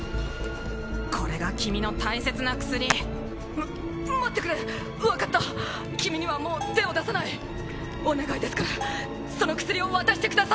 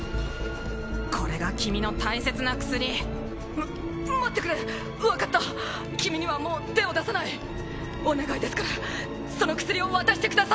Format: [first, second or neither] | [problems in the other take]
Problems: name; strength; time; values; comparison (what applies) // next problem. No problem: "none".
second | background sound (Hands + Bell); 12 dB below the speech